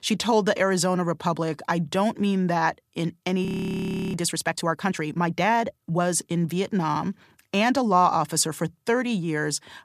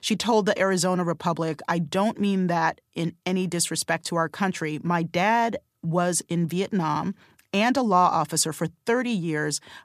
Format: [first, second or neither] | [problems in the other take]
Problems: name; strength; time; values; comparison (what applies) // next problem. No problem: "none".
second | audio freezing; at 3.5 s for 0.5 s